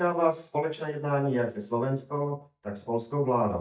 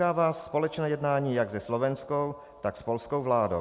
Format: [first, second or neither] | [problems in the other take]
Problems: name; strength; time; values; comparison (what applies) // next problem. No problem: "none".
second | noise reduction (neural mask model DeepFilterNet 3)